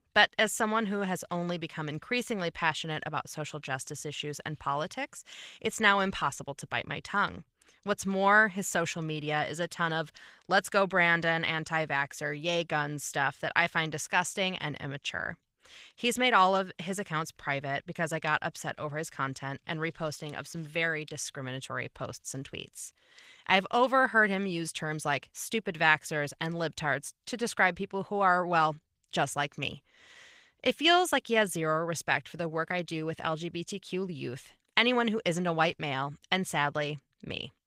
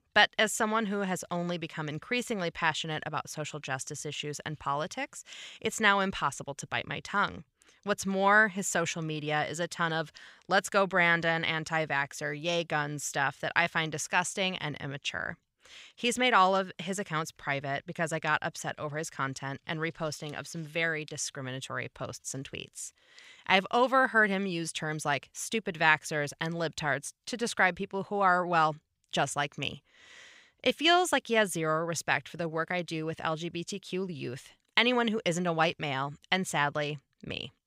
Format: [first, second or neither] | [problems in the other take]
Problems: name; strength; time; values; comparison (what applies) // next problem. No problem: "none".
second | garbled, watery; slightly; nothing above 15.5 kHz